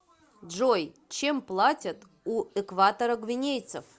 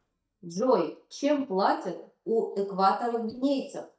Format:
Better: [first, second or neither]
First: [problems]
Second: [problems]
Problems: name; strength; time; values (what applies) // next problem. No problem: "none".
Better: first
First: none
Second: noise reduction (neural mask model DeepFilterNet 3)